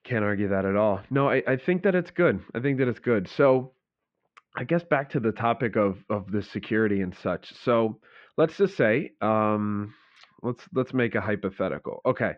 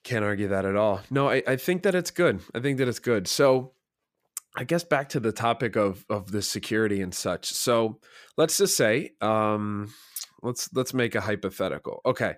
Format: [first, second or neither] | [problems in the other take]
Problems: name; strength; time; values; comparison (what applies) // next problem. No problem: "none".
second | muffled; very; fading above 3 kHz